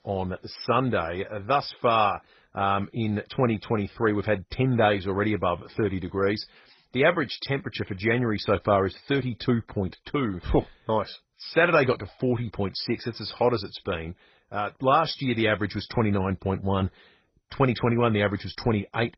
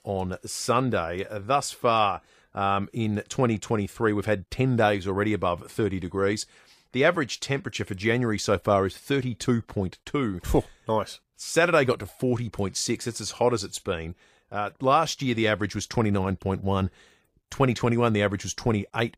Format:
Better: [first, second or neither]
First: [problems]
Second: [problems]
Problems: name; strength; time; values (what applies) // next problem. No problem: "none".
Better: second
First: garbled, watery; badly; nothing above 5.5 kHz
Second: none